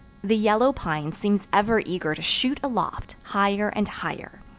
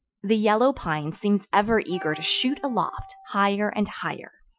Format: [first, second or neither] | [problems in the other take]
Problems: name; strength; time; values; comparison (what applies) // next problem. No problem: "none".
first | noise reduction (classical method Wiener filter)